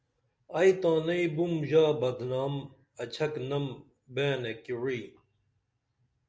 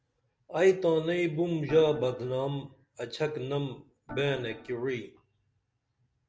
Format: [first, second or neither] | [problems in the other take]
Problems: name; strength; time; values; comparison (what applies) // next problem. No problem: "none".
first | background sound (Organ); 15 dB below the speech